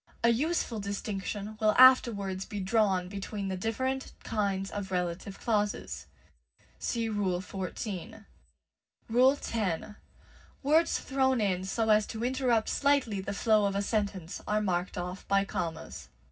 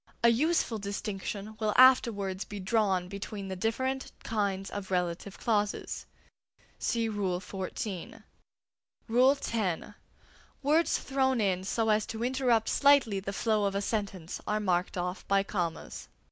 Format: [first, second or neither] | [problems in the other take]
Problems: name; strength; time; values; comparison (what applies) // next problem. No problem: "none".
second | room echo; dies away in 0.4 s